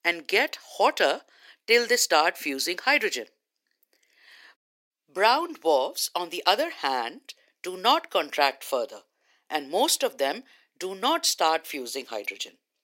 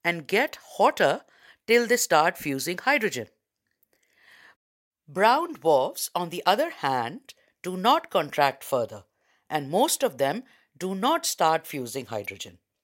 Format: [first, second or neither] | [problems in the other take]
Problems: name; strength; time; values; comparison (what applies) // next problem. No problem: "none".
second | thin; very slightly; fading below 300 Hz